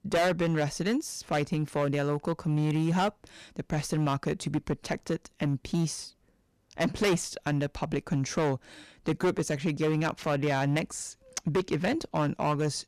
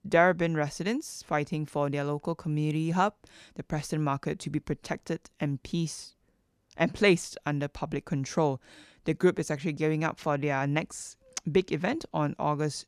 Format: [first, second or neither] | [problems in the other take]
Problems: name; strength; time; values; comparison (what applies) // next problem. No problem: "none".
second | distortion; heavy; 9% of the sound clipped